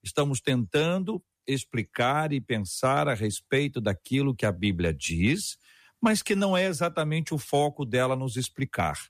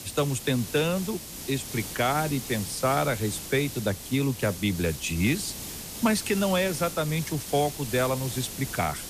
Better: first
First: none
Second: hiss; loud; throughout; 8 dB below the speech

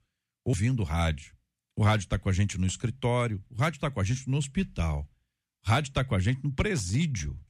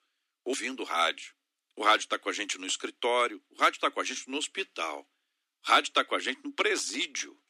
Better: first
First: none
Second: thin; very; fading below 300 Hz

